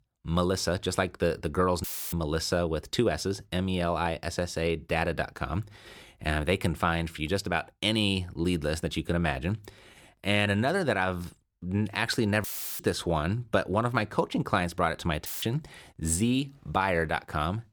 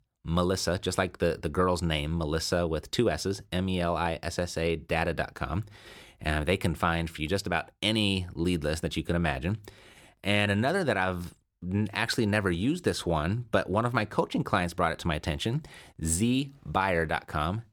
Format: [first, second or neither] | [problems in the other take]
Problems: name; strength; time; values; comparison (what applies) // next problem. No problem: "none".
second | audio cutting out; filled with static; at 2 s, at 12 s and at 15 s